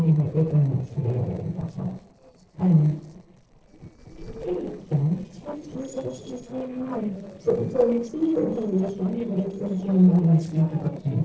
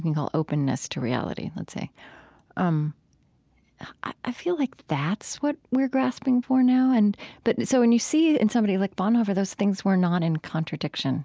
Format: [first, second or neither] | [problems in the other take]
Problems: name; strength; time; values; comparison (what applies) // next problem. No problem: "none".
second | noise reduction (neural separator model SepFormer DNS4)